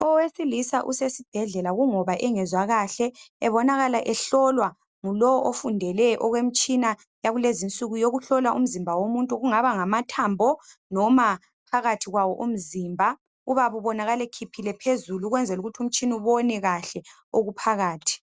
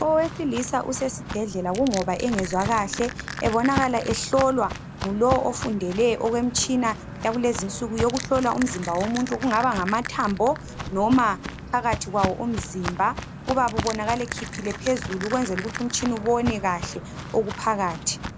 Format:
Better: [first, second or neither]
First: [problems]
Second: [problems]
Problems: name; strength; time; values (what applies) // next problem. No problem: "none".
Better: first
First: none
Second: background sound (Walk, footsteps + Crushing); 9 dB below the speech